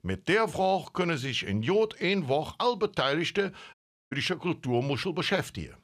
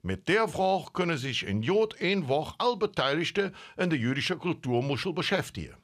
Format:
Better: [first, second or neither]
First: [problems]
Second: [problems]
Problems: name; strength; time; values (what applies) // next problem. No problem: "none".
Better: second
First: audio cutting out; at 3.5 s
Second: none